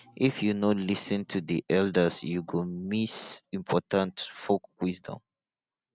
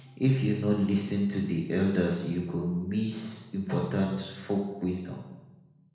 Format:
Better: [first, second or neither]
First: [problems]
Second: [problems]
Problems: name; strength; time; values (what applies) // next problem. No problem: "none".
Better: first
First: none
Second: room echo; dies away in 0.9 s